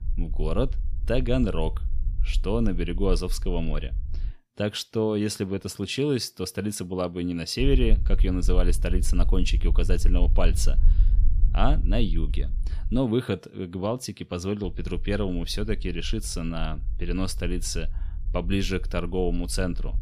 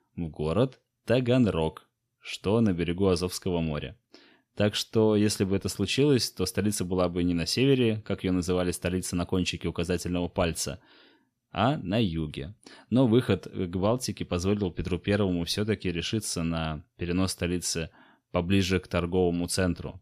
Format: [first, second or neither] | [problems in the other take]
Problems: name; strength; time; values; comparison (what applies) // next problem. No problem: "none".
second | low rumble; faint; until 4.5 s, from 7.5 to 13 s and from 15 s on; 20 dB below the speech